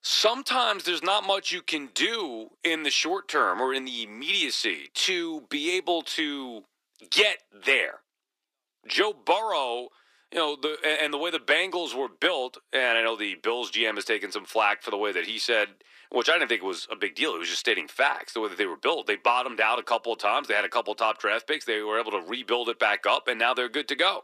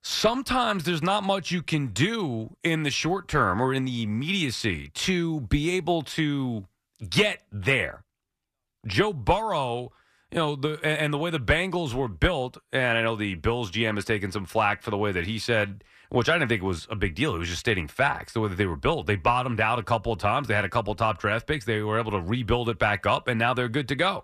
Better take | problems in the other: second | thin; somewhat; fading below 300 Hz

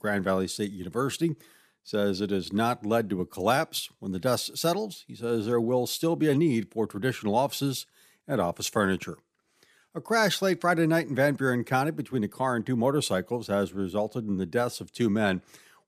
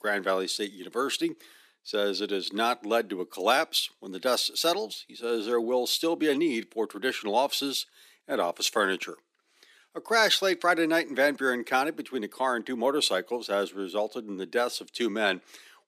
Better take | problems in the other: first | thin; somewhat; fading below 300 Hz

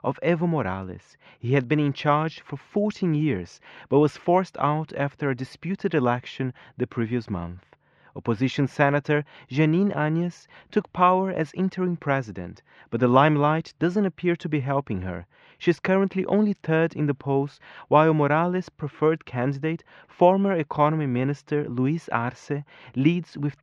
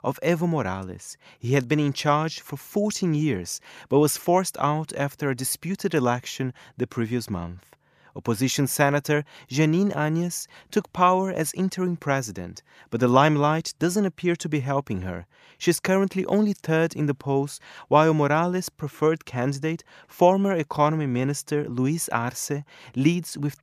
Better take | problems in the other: second | muffled; very; fading above 3 kHz

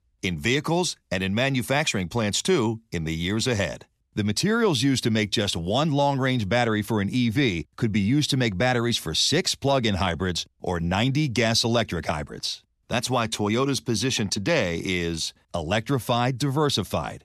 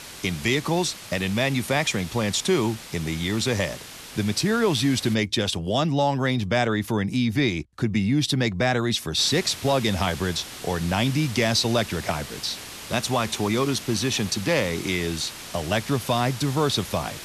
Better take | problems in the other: first | hiss; noticeable; until 5 s and from 9 s on; 15 dB below the speech

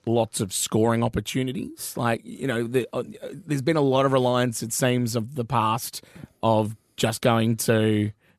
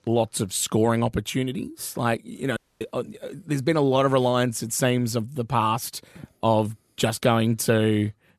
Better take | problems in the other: first | audio cutting out; at 2.5 s

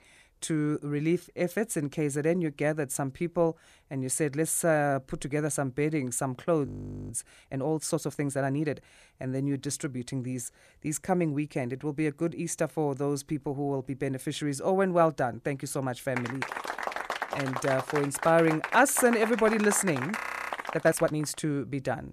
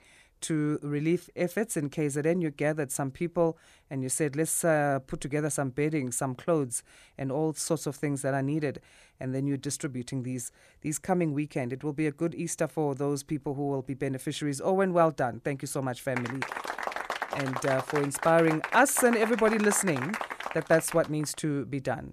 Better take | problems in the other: second | audio freezing; at 6.5 s and at 20 s

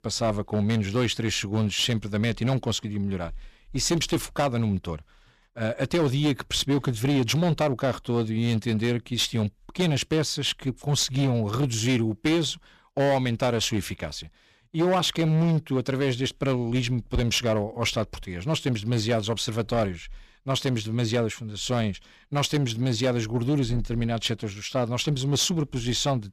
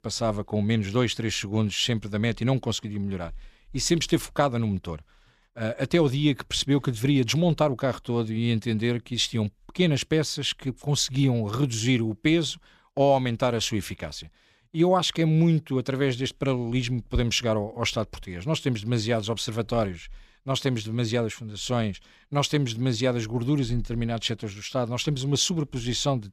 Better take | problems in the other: second | distortion; slight; 9% of the sound clipped

